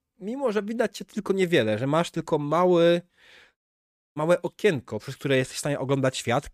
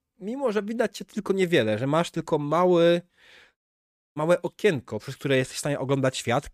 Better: neither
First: none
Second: none

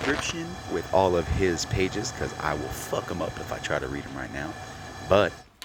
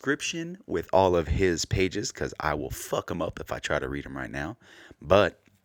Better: second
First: hiss; loud; throughout; 10 dB below the speech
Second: none

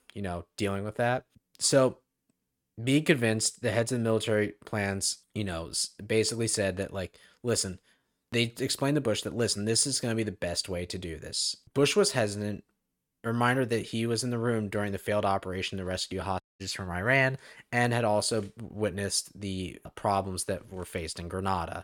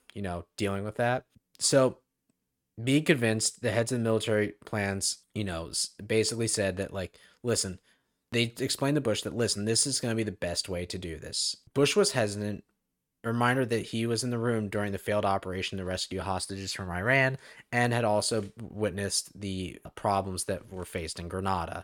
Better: second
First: audio cutting out; at 16 s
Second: none

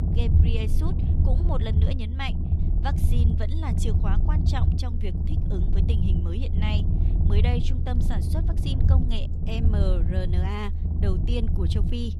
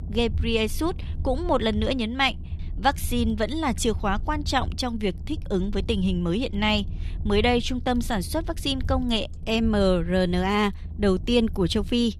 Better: second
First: low rumble; loud; throughout; 3 dB below the speech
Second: low rumble; faint; throughout; 25 dB below the speech

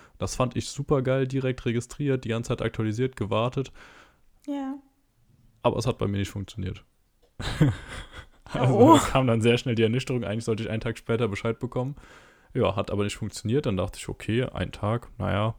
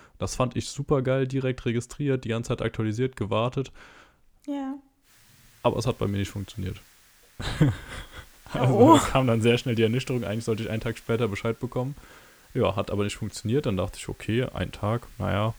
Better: first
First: none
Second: hiss; faint; from 5 s on; 25 dB below the speech

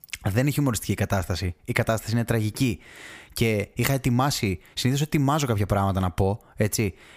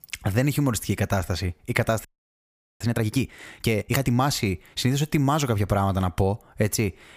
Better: first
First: none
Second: audio freezing; at 2 s for 1 s

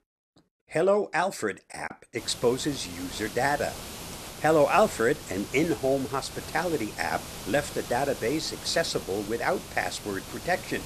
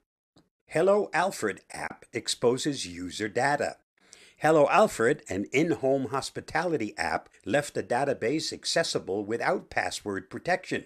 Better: second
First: hiss; noticeable; from 2 s on; 10 dB below the speech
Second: none

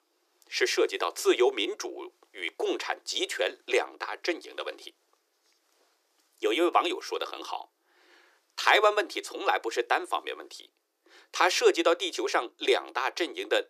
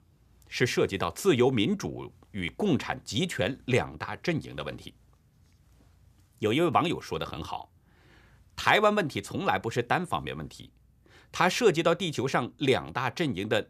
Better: second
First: thin; very; fading below 350 Hz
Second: none

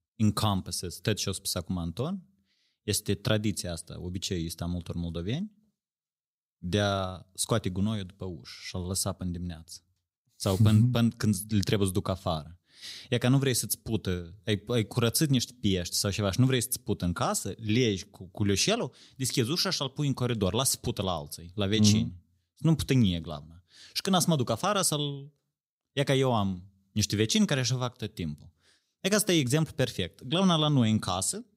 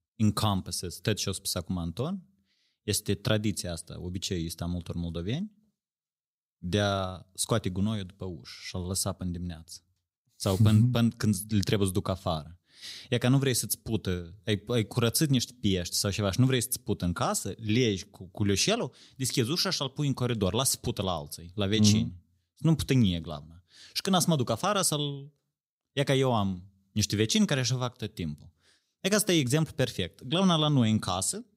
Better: neither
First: none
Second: none

